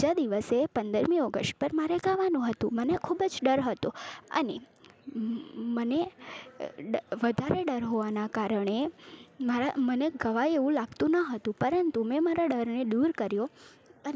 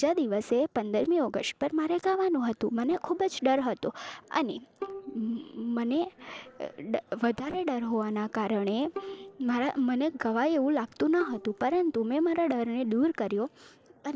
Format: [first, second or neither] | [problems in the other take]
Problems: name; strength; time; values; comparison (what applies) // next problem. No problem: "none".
first | noise reduction (neural separator model SepFormer DNS4)